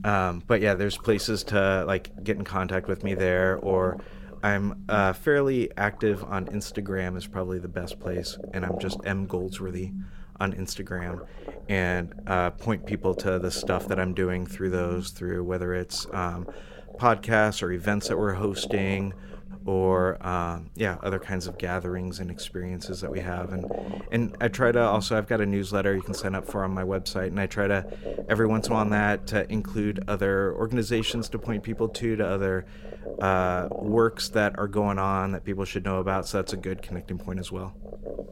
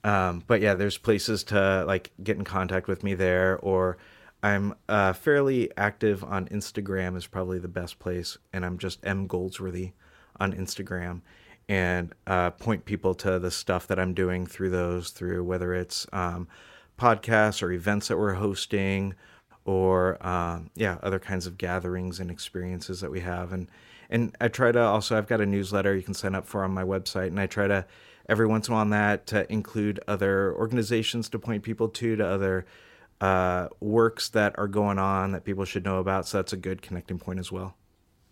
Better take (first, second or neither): second